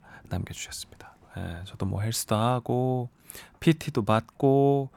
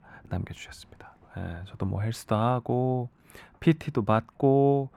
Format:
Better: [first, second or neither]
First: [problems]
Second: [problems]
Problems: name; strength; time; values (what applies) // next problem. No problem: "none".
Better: first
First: none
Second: muffled; slightly; fading above 3.5 kHz